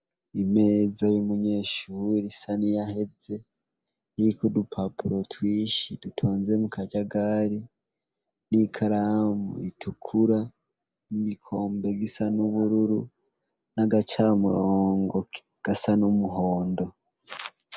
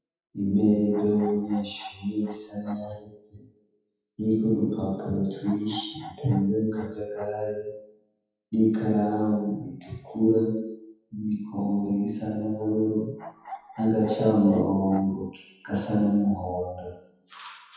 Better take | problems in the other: first | noise reduction (classical method WPE with log-MMSE)

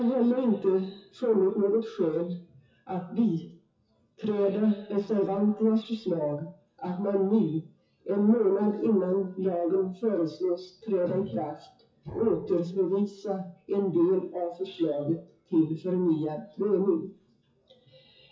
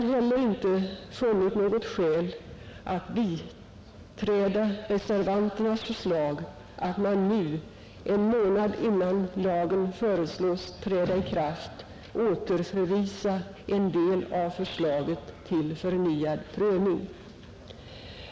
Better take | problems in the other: second | noise reduction (classical method WPE with log-MMSE)

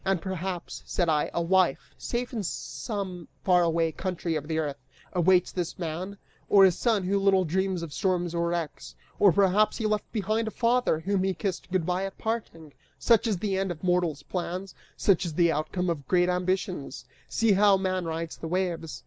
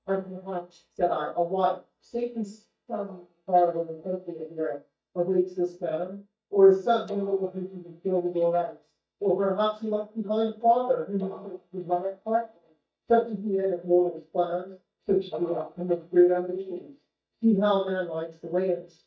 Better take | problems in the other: first | noise reduction (neural mask model DeepFilterNet 3)

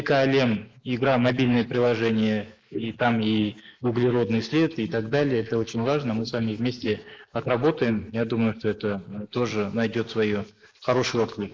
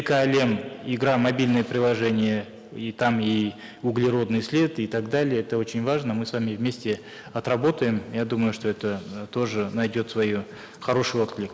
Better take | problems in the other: second | noise reduction (neural mask model Resemble Enhance denoiser)

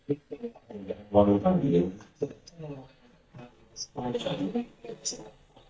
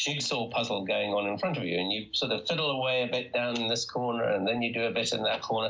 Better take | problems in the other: second | noise reduction (neural mask model DeepFilterNet 3)

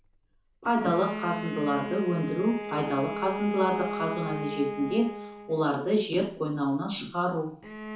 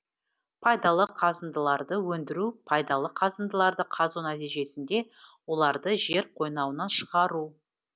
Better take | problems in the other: second | background sound (Bowed string instrument); 8 dB below the speech // room echo; dies away in 0.9 s

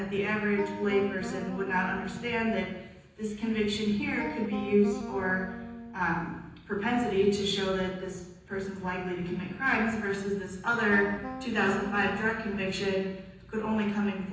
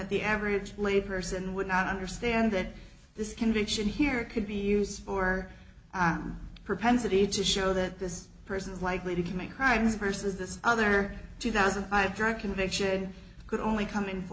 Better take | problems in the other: second | background sound (Wind instrument, woodwind instrument); 10 dB below the speech // room echo; dies away in 0.9 s

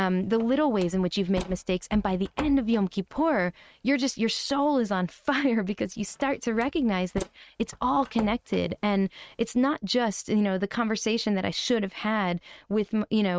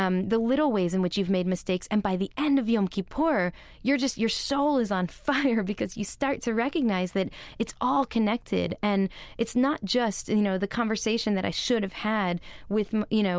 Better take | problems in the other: second | noise reduction (neural mask model RNNoise)

